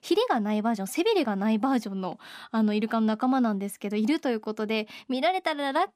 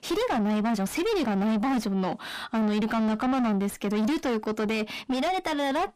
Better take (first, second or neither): first